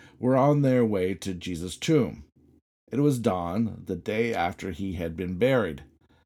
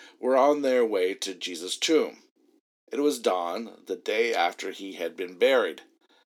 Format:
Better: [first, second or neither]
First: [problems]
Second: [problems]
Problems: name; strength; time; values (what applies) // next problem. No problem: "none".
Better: first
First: none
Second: thin; somewhat; fading below 300 Hz